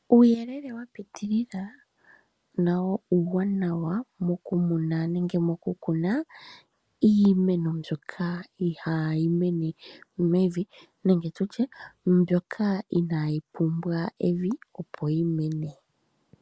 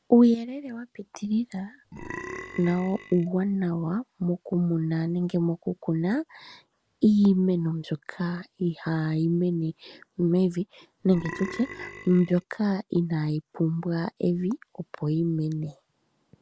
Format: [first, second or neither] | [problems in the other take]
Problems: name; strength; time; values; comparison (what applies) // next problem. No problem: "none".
first | background sound (Burping, eructation); 13 dB below the speech